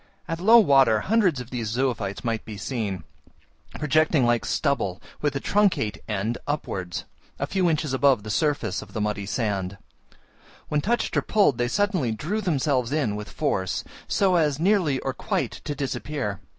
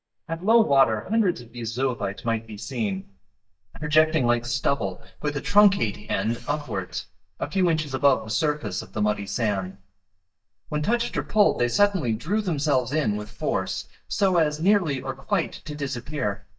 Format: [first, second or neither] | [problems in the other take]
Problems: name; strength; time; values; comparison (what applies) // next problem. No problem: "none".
first | noise reduction (neural mask model DeepFilterNet 3)